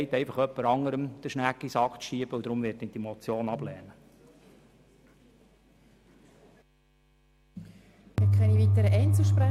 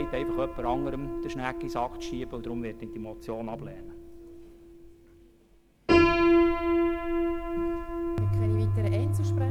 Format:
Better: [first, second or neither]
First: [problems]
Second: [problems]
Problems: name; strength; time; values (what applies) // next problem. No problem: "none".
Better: first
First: none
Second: background sound (Piano); 3 dB above the speech